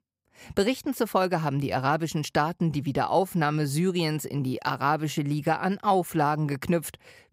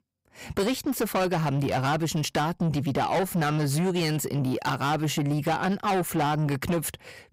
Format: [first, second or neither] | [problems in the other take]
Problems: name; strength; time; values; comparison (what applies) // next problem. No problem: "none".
first | distortion; heavy; 7 dB below the speech